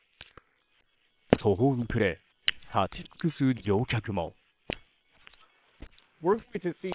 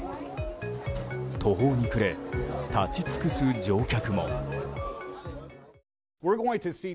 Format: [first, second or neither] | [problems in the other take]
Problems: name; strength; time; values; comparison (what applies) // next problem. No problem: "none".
second | noise reduction (neural separator model SepFormer WHAM!)